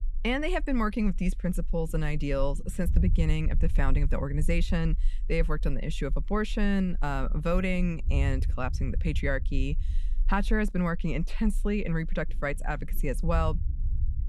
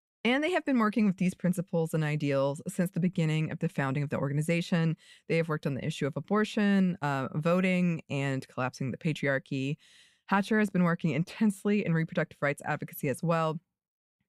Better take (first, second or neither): second